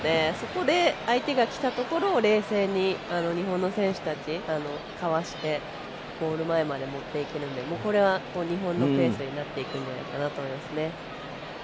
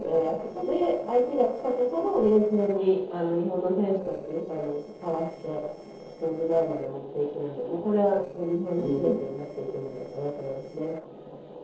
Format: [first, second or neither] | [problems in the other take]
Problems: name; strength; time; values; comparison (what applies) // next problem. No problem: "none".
first | noise reduction (neural separator model SepFormer DNS4)